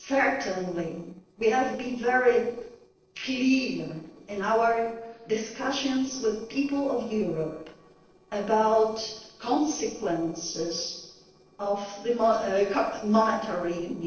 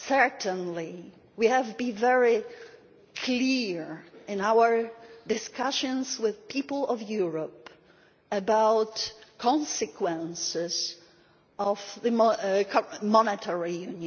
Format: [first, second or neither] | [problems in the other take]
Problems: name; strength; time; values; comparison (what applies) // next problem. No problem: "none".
second | noise reduction (neural separator model SepFormer DNS4)